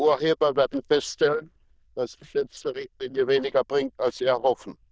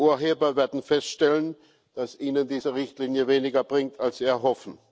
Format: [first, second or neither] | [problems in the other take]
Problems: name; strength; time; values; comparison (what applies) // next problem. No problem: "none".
second | noise reduction (neural diffusion model UNIVERSE++)